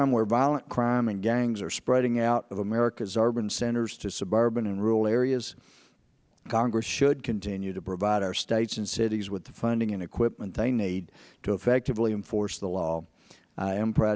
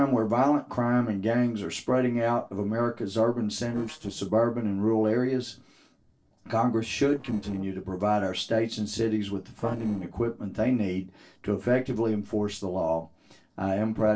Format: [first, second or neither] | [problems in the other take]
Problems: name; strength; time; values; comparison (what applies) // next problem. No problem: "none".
first | noise reduction (neural separator model SepFormer DNS4)